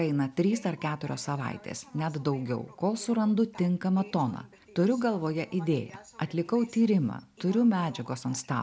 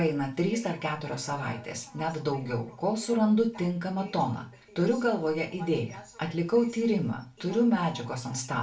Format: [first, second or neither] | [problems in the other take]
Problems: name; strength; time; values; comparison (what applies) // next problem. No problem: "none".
first | room echo; dies away in 0.3 s